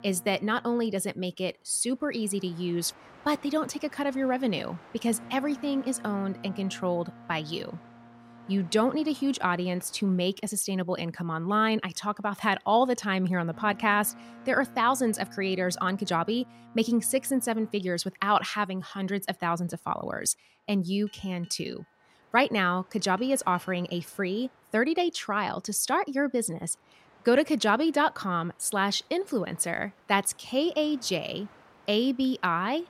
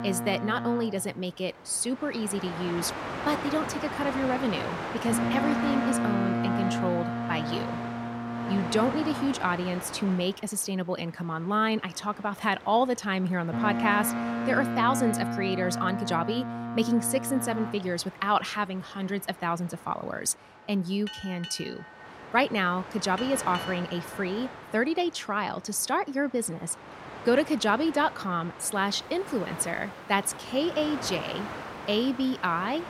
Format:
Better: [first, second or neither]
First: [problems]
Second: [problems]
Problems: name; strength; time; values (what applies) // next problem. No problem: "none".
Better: first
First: train or aircraft noise; faint; throughout; 25 dB below the speech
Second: train or aircraft noise; loud; throughout; 5 dB below the speech